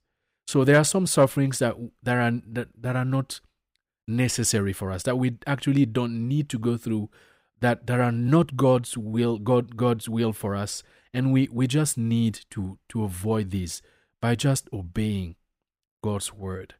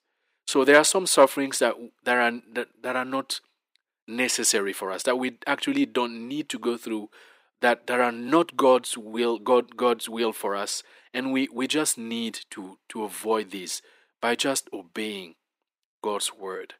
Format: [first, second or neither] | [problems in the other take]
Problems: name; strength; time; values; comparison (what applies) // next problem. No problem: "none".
first | thin; somewhat; fading below 300 Hz